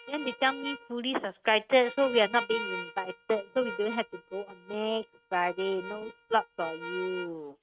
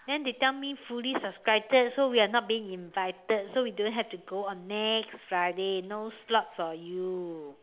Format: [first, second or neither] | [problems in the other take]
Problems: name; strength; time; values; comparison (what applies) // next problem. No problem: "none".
second | noise reduction (neural mask model RNNoise)